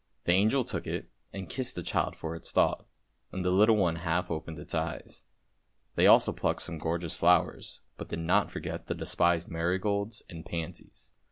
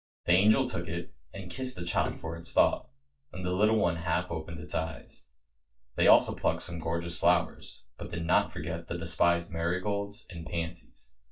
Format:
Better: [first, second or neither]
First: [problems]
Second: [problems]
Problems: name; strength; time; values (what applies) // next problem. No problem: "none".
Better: first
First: none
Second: noise reduction (neural mask model DeepFilterNet 3)